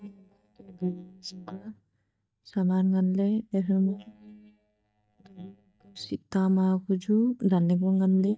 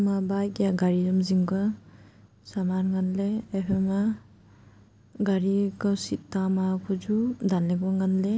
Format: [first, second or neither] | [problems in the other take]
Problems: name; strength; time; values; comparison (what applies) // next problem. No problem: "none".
second | noise reduction (neural mask model DeepFilterNet 3)